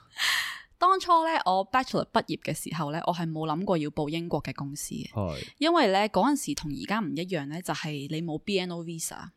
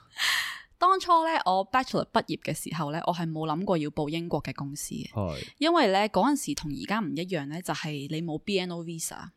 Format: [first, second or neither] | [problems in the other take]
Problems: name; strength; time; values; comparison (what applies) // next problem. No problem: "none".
neither | none